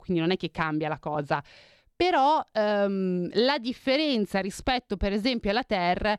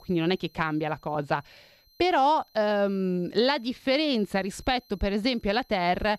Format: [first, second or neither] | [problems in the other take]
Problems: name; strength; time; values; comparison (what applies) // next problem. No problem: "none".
first | high-pitched whine; faint; throughout; 4 kHz, 35 dB below the speech